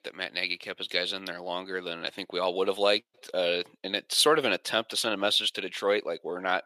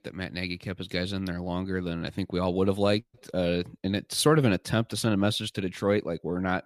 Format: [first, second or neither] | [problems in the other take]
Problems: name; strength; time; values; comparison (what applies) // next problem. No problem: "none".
second | thin; very; fading below 550 Hz